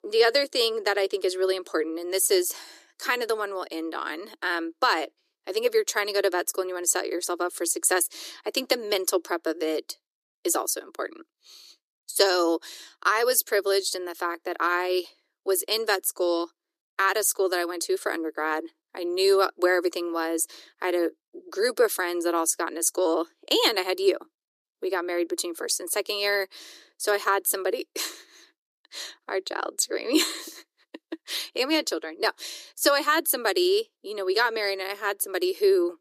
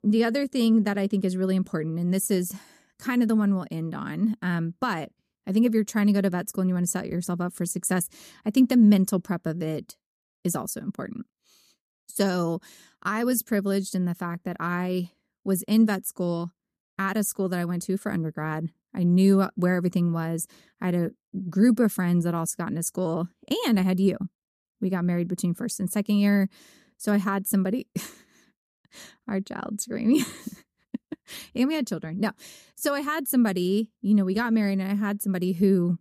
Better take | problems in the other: second | thin; very; fading below 350 Hz

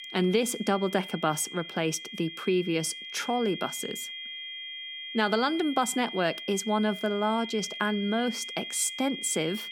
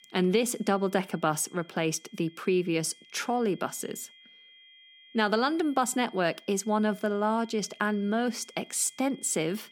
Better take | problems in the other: second | high-pitched whine; loud; throughout; 3 kHz, 9 dB below the speech; faint in the second

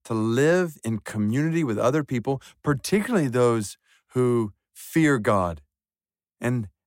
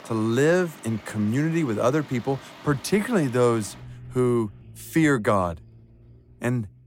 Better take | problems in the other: first | traffic noise; faint; throughout; 20 dB below the speech

